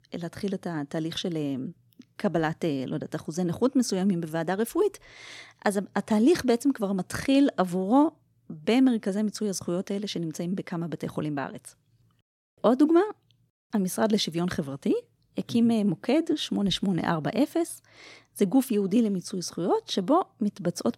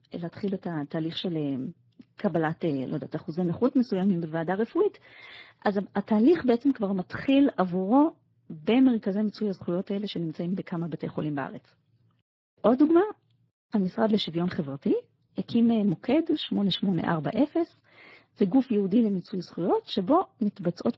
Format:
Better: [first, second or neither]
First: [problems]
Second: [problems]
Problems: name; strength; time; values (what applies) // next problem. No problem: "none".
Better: first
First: none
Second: garbled, watery; badly